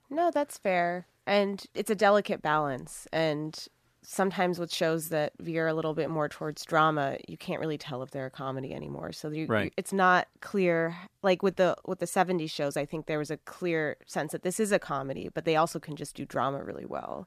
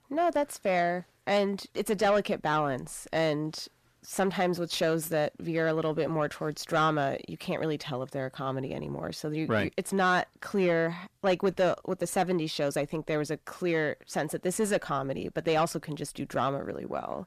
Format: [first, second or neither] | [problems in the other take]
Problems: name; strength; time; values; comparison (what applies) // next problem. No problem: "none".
first | distortion; slight; 10 dB below the speech